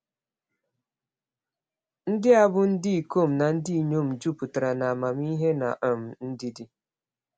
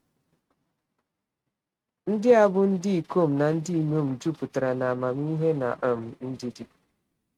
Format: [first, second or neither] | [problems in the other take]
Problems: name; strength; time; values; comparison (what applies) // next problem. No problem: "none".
first | noise reduction (neural mask model RNNoise)